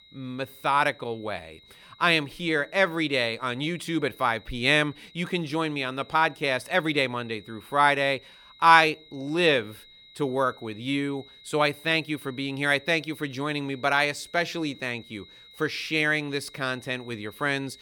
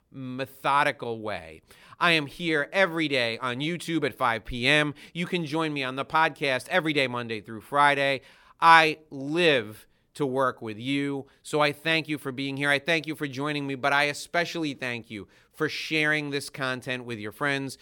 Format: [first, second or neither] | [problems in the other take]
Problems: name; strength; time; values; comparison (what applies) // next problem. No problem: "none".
second | high-pitched whine; faint; throughout; 4 kHz, 25 dB below the speech